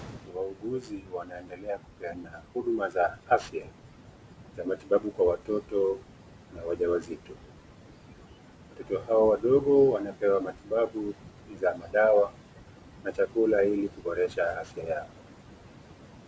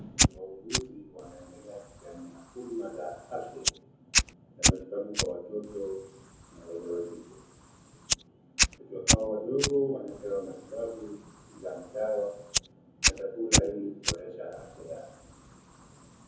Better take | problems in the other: first | background sound (Fire); 4 dB above the speech // room echo; dies away in 0.7 s

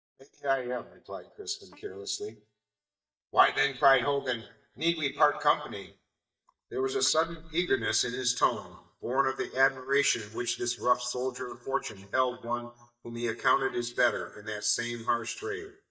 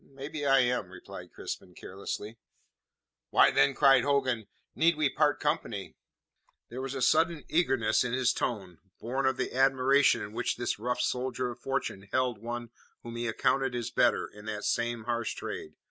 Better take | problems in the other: second | noise reduction (neural mask model DeepFilterNet 3)

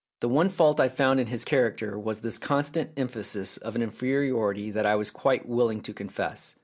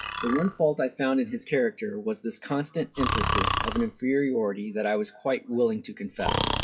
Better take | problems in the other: first | noise reduction (classical method WPE with log-MMSE)

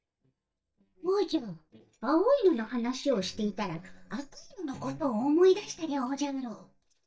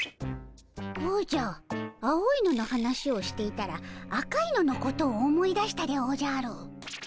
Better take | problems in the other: second | noise reduction (neural mask model DeepFilterNet 3)

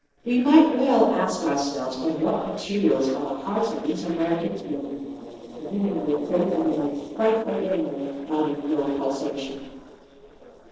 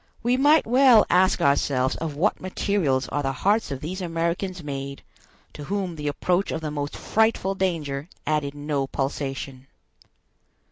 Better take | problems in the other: second | noise reduction (neural separator model SepFormer DNS4)

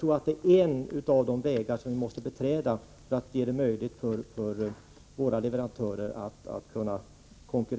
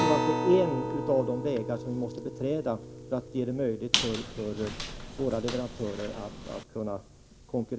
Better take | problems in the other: first | background sound (Squeak + Acoustic guitar); 4 dB below the speech

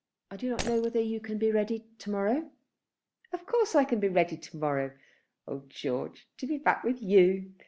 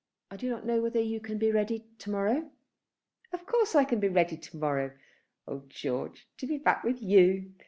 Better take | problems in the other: second | background sound (Shatter); 14 dB below the speech

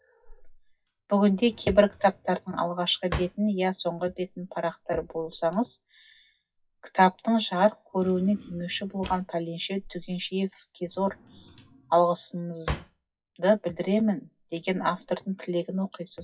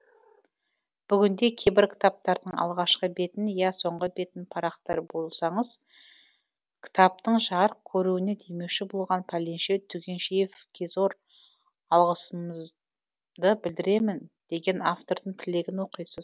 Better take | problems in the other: second | noise reduction (classical method WPE with log-MMSE)

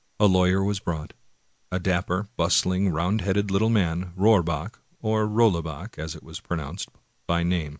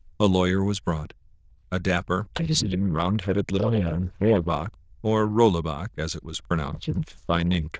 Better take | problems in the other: first | noise reduction (neural diffusion model UNIVERSE++)

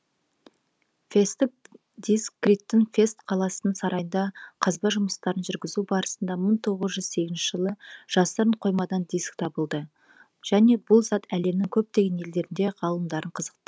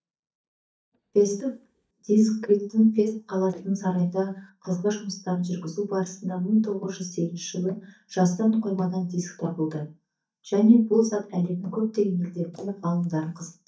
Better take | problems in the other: first | noise reduction (neural mask model DeepFilterNet 3)

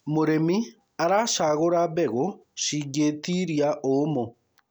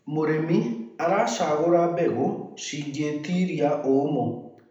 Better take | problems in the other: first | room echo; dies away in 0.7 s

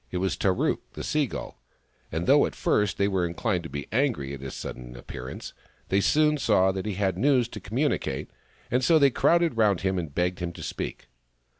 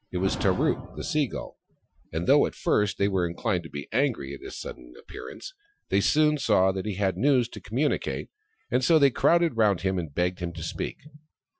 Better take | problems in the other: first | noise reduction (classical method Wiener filter)

